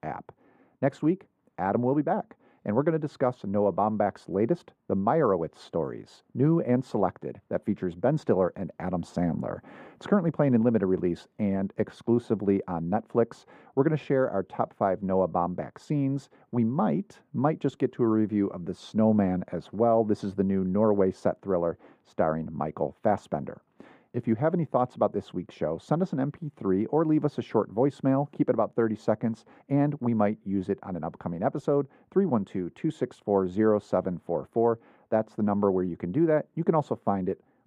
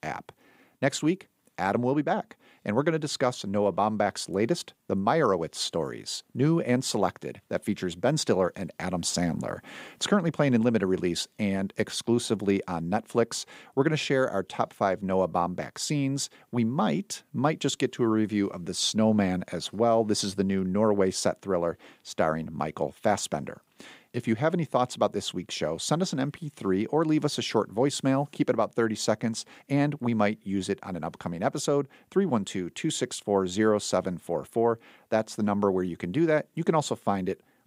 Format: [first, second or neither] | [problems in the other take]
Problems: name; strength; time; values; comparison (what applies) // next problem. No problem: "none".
second | muffled; very; fading above 2.5 kHz